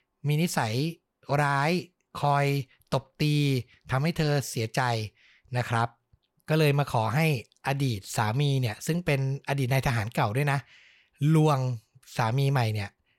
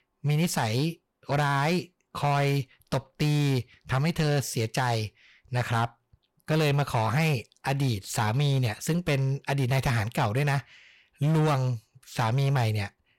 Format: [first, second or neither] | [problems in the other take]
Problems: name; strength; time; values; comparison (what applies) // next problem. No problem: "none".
first | distortion; slight; 11% of the sound clipped